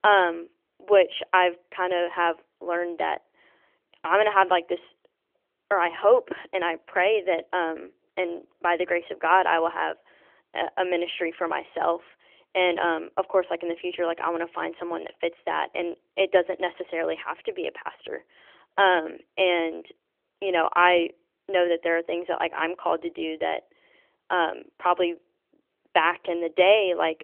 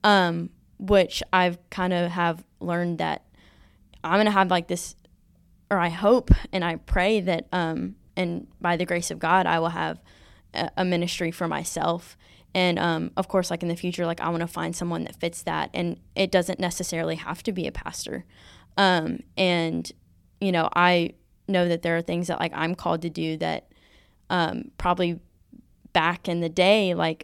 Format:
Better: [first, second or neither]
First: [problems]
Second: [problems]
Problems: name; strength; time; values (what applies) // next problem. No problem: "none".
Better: second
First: phone-call audio; nothing above 3.5 kHz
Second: none